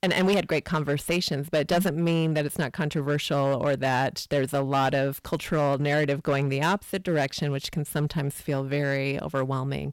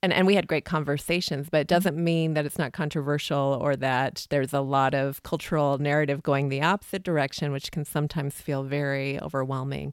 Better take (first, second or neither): second